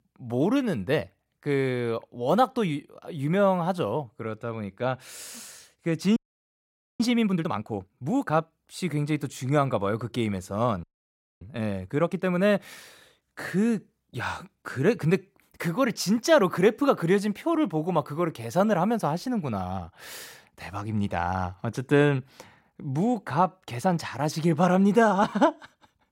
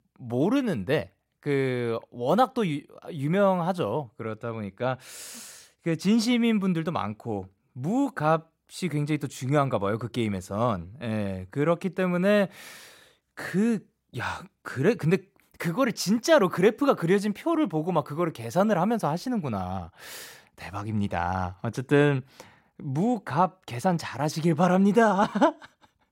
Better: second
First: audio freezing; at 6 s for 1 s and at 11 s for 0.5 s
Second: none

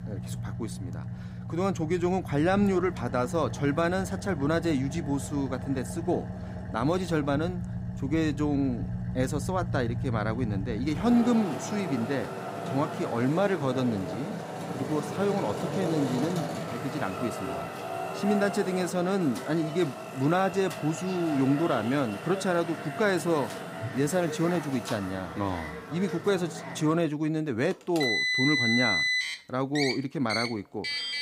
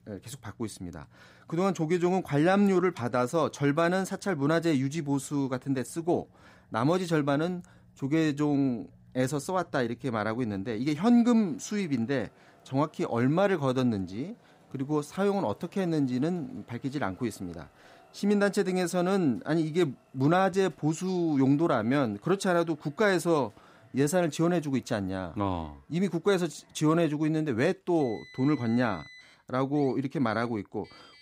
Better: second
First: traffic noise; loud; throughout; 5 dB below the speech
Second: traffic noise; faint; throughout; 30 dB below the speech

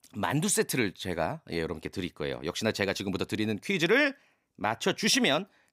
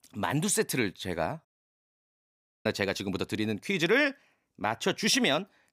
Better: first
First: none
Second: audio cutting out; at 1.5 s for 1 s

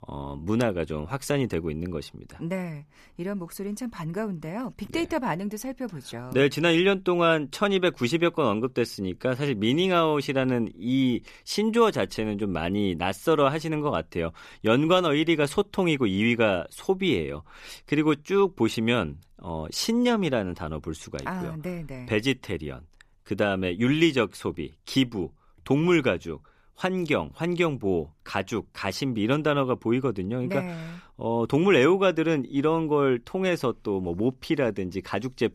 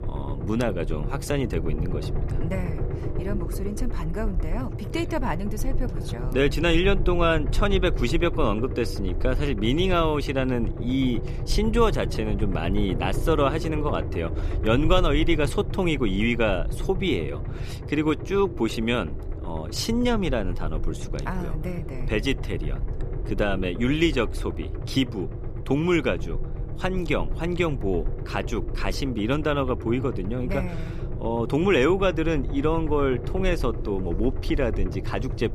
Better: first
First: none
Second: low rumble; noticeable; throughout; 15 dB below the speech

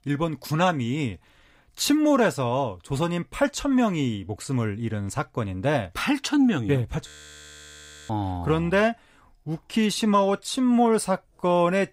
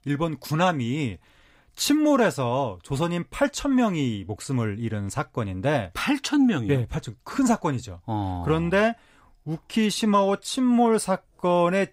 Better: second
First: audio freezing; at 7 s for 1 s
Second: none

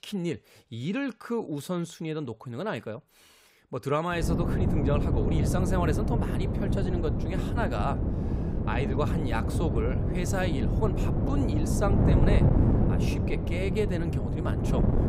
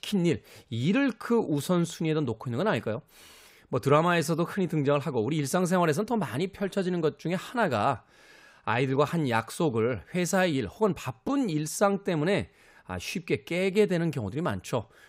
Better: second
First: wind noise on the microphone; heavy; from 4 s on; 2 dB below the speech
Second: none

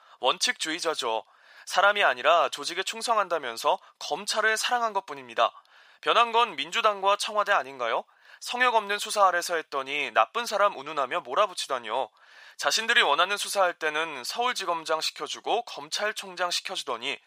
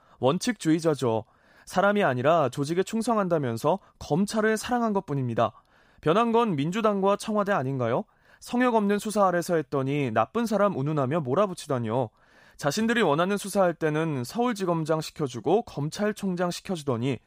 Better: second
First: thin; very; fading below 800 Hz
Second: none

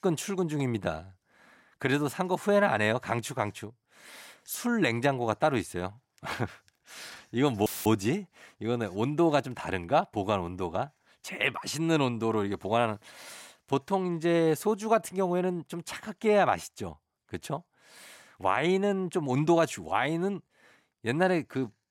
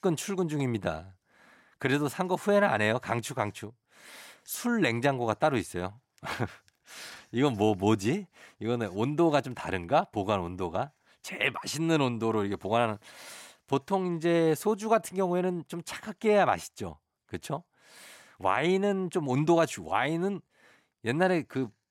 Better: second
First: audio cutting out; filled with static; at 7.5 s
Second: none

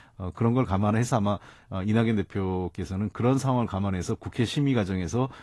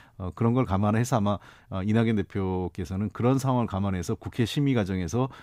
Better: second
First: garbled, watery; slightly; nothing above 11.5 kHz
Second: none

